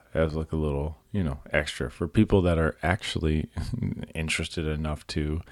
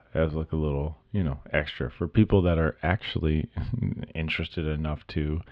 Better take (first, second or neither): first